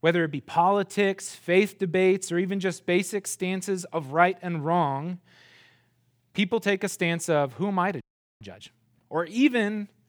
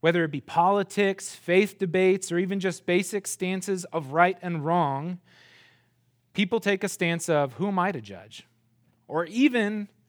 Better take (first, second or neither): second